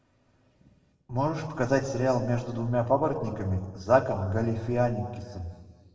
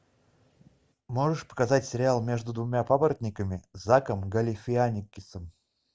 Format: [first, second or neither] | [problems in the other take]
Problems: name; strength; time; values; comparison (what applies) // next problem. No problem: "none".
second | room echo; dies away in 1.6 s